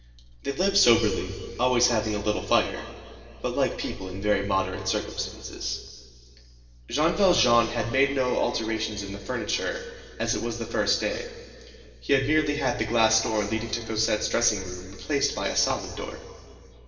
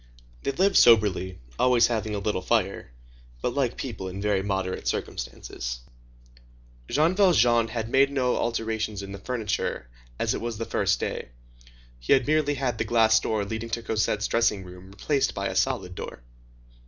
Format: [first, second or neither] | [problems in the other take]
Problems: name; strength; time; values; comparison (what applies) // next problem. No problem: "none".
second | room echo; dies away in 2.7 s